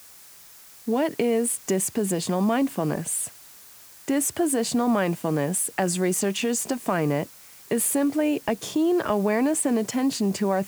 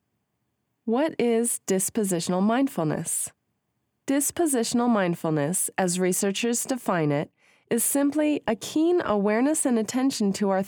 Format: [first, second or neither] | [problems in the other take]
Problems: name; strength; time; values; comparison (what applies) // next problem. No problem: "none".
second | hiss; faint; throughout; 20 dB below the speech